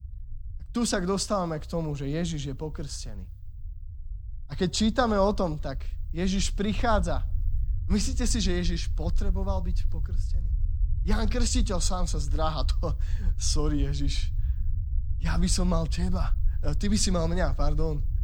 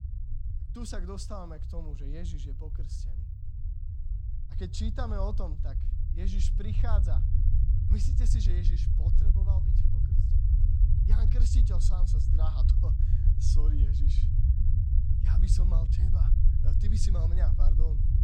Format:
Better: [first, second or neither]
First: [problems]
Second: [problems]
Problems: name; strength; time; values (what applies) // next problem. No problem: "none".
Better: first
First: low rumble; faint; throughout; 20 dB below the speech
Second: low rumble; loud; throughout; 1 dB below the speech